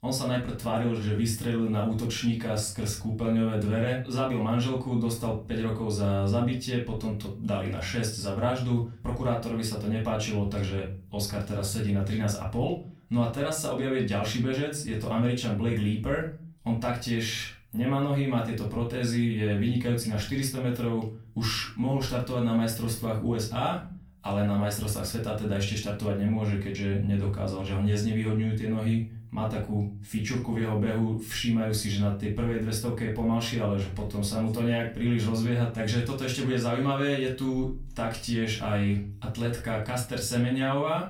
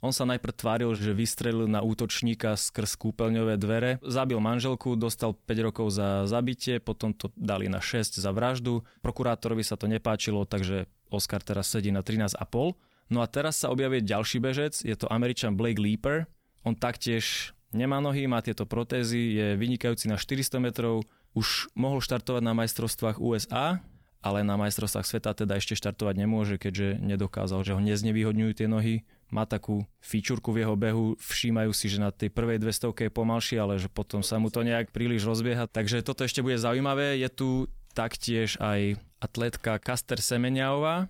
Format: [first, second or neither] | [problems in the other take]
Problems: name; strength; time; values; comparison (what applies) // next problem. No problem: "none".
second | off-mic speech; far // room echo; slight; dies away in 0.3 s